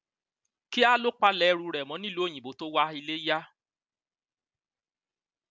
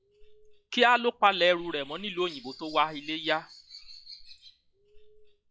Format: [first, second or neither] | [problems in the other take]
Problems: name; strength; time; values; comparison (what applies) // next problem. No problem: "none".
first | noise reduction (classical method log-MMSE)